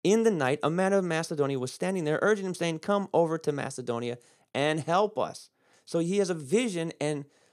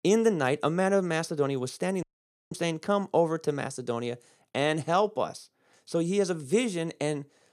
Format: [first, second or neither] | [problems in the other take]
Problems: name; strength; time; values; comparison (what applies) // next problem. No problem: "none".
first | audio cutting out; at 2 s